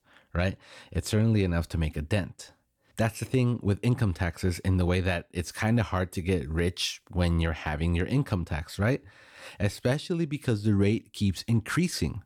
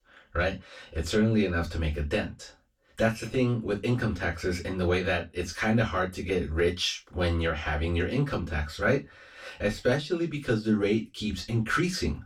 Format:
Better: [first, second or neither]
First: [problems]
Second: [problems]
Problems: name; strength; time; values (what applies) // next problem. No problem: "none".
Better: first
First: none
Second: room echo; very slight; dies away in 0.2 s // off-mic speech; far